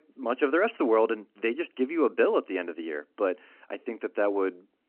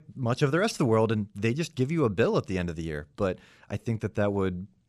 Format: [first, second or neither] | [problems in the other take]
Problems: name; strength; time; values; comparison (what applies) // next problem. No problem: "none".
second | phone-call audio